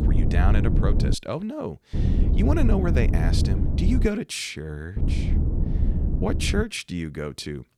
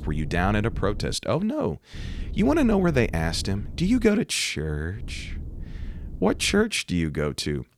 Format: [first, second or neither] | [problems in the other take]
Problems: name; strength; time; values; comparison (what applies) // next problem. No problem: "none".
second | low rumble; loud; until 1 s, from 2 to 4 s and from 5 to 6.5 s; 5 dB below the speech; faint in the second